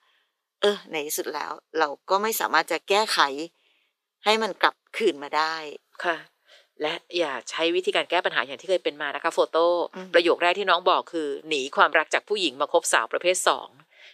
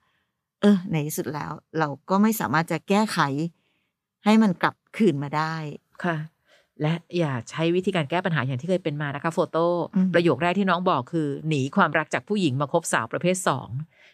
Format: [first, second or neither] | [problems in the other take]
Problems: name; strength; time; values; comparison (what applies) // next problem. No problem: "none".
second | thin; very; fading below 400 Hz